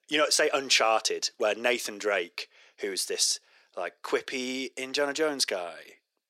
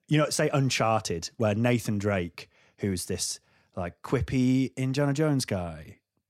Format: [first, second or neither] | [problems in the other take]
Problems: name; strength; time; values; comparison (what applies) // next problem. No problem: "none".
second | thin; very; fading below 400 Hz